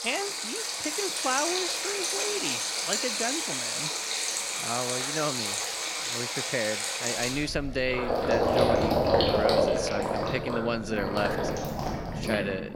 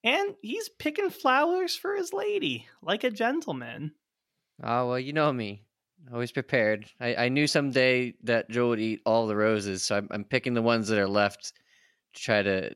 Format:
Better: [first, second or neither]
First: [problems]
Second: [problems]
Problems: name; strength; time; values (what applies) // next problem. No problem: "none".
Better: second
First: rain or running water; very loud; throughout; 4 dB above the speech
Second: none